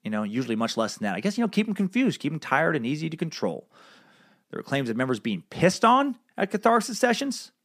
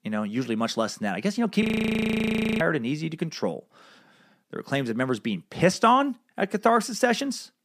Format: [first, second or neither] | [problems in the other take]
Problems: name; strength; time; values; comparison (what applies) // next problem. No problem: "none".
first | audio freezing; at 1.5 s for 1 s